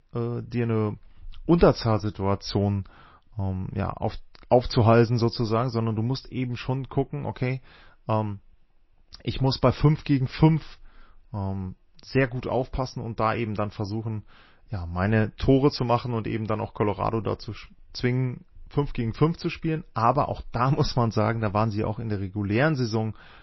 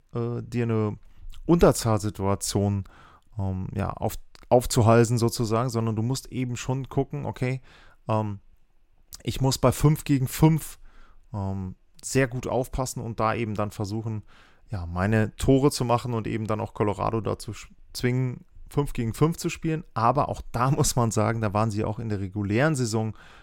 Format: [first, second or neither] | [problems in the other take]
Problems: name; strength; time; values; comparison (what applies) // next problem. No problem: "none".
second | garbled, watery; slightly; nothing above 5.5 kHz